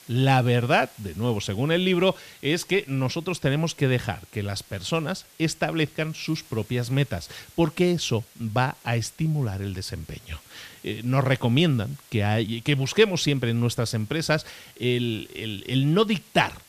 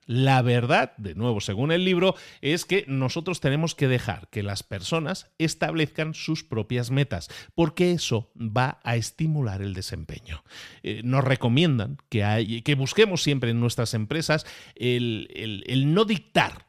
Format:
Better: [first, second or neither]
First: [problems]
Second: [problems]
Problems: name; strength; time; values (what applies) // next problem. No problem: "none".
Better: second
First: hiss; faint; throughout; 25 dB below the speech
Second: none